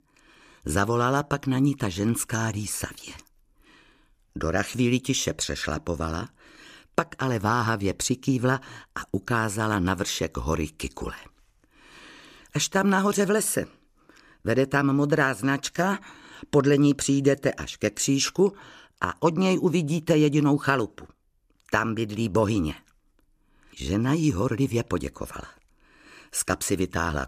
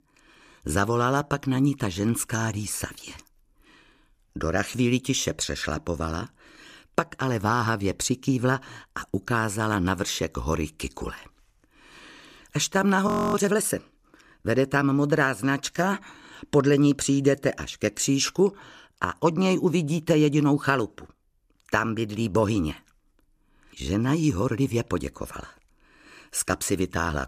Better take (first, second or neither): first